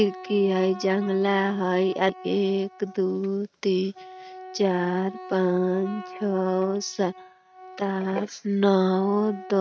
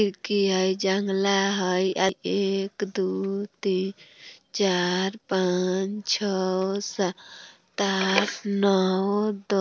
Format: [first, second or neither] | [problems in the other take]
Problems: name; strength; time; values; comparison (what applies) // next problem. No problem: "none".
second | noise reduction (neural mask model RNNoise)